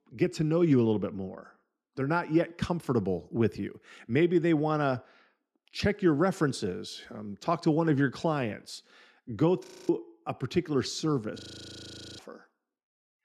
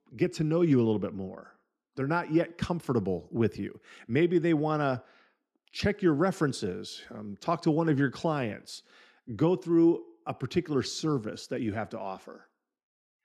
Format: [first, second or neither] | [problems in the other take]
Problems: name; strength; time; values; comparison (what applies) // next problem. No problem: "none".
second | audio freezing; at 9.5 s and at 11 s for 1 s